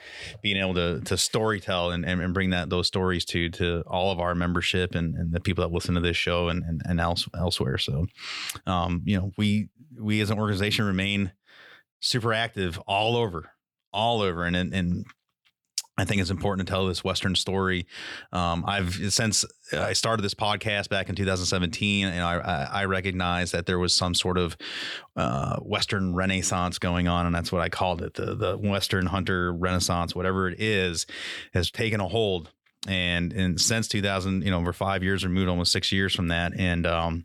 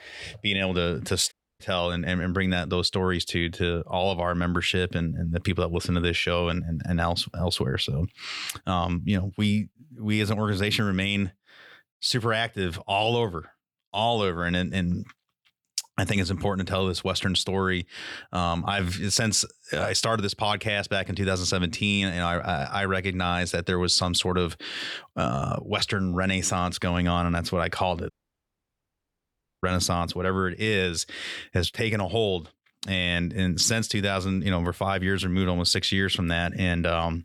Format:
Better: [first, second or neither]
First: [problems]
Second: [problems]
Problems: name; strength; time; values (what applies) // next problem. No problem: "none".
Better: first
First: none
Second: audio cutting out; at 1.5 s and at 28 s for 1.5 s